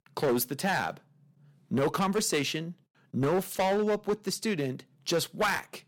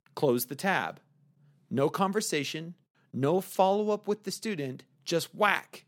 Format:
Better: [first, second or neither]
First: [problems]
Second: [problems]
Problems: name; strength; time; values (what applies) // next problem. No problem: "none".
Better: second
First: distortion; heavy; 8% of the sound clipped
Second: none